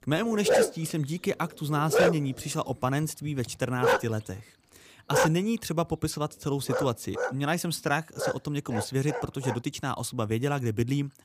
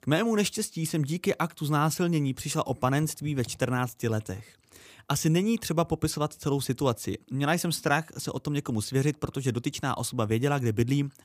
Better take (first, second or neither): second